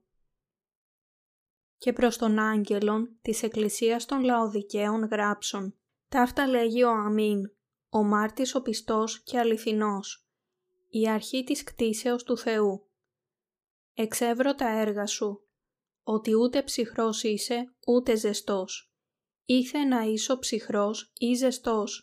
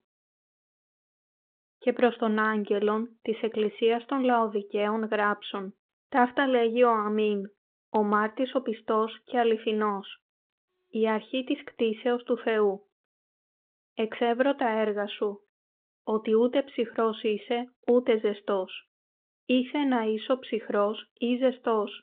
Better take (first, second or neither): first